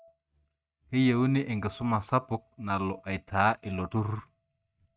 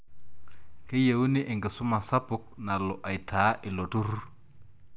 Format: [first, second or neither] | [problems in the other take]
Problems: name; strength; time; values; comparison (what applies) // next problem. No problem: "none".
second | noise reduction (neural mask model RNNoise)